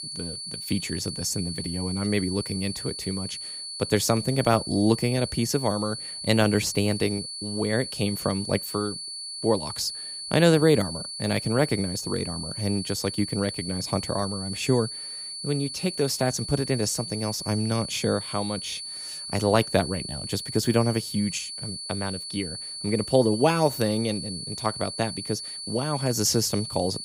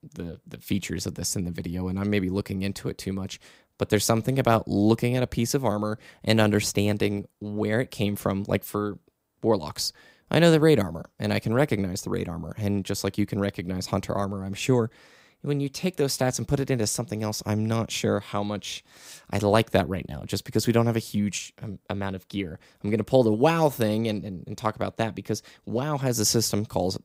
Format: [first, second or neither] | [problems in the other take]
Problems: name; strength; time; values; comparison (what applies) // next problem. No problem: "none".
second | high-pitched whine; loud; throughout; 4.5 kHz, 7 dB below the speech